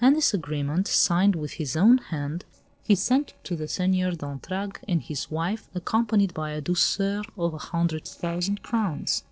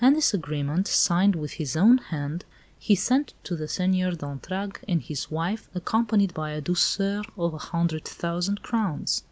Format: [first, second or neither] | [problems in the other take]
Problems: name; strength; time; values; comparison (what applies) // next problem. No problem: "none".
second | noise reduction (neural separator model SepFormer DNS4)